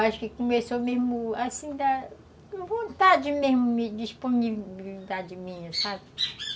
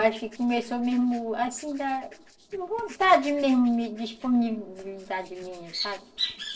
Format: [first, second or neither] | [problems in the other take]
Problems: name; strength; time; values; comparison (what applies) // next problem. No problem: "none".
first | noise reduction (neural separator model SepFormer DNS4)